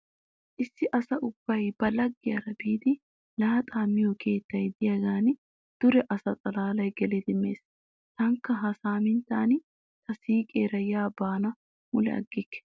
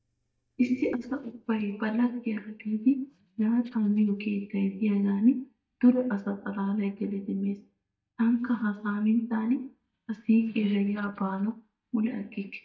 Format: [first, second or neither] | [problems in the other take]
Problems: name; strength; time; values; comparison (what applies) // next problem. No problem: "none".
first | noise reduction (neural mask model DeepFilterNet 3)